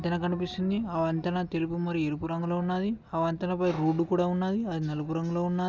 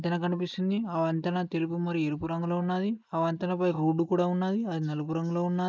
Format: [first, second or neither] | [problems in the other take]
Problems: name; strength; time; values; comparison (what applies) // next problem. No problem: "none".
first | noise reduction (neural mask model Resemble Enhance denoiser)